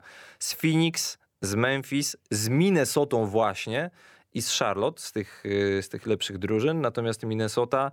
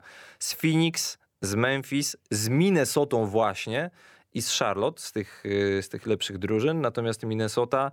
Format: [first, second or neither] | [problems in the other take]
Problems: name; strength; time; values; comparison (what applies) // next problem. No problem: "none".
neither | none